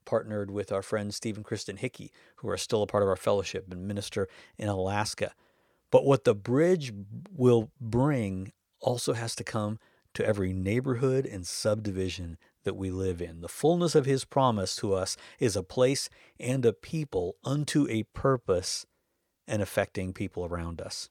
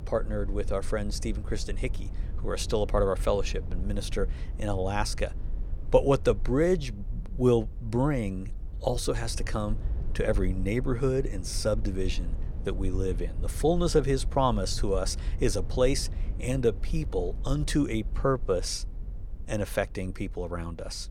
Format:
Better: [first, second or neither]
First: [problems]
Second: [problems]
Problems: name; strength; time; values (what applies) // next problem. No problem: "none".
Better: first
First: none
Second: low rumble; faint; throughout; 20 dB below the speech